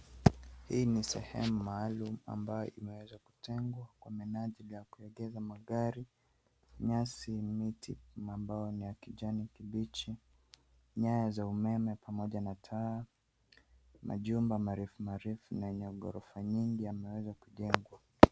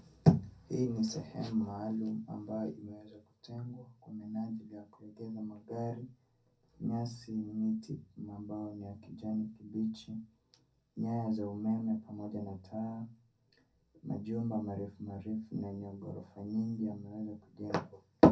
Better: first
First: none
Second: room echo; dies away in 0.3 s

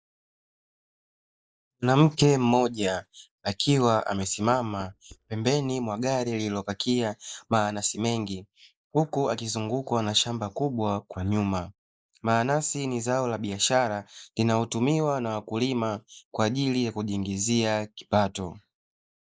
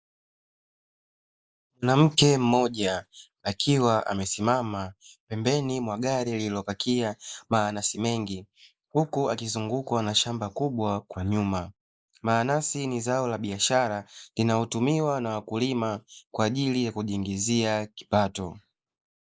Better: second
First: noise reduction (neural mask model DeepFilterNet 3)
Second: none

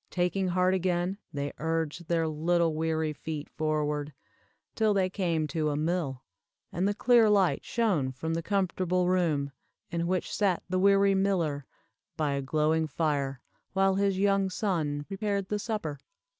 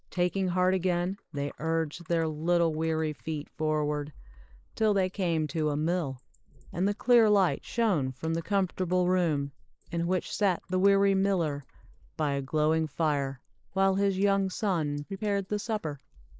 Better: first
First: none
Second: noise reduction (neural mask model Resemble Enhance denoiser)

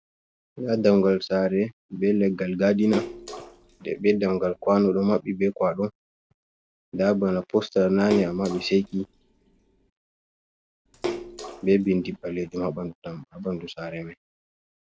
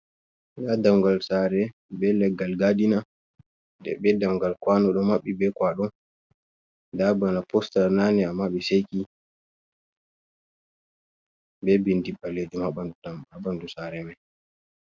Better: second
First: background sound (Splash, splatter); 12 dB below the speech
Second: none

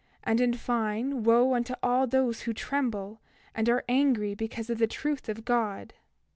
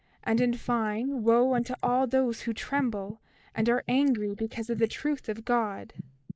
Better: first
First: none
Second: noise reduction (neural mask model Resemble Enhance denoiser)

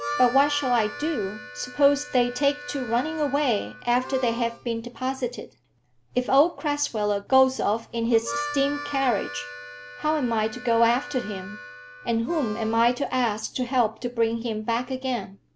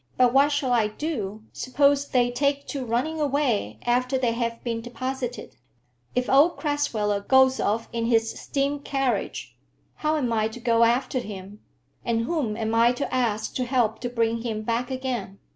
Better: second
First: background sound (Harmonica); 14 dB below the speech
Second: none

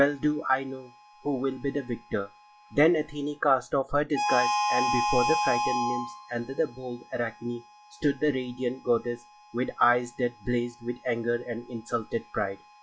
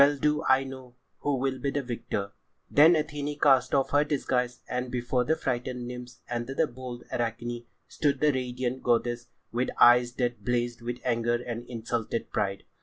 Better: second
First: noise reduction (classical method log-MMSE)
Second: none

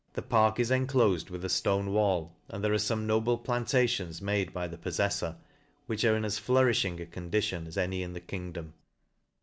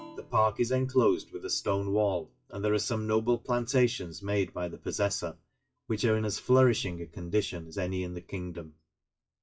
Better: first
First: none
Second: noise reduction (classical method WPE with log-MMSE)

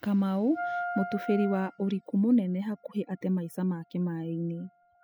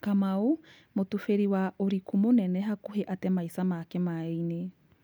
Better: second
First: noise reduction (classical method spectral subtraction)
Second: none

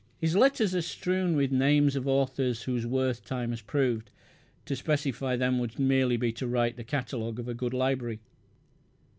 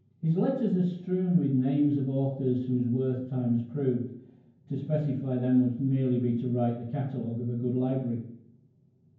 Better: first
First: none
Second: room echo; dies away in 0.9 s

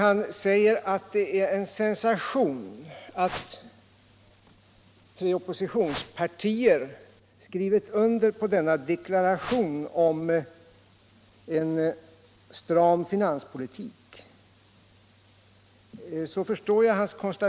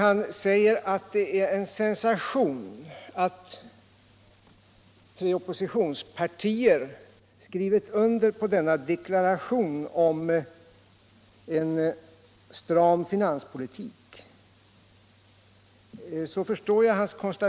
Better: second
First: background sound (Whoosh, swoosh, swish); 13 dB below the speech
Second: none

